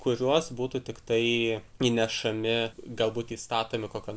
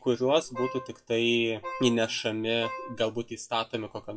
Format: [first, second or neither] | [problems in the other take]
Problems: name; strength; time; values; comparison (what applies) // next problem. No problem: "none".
first | noise reduction (classical method WPE with log-MMSE)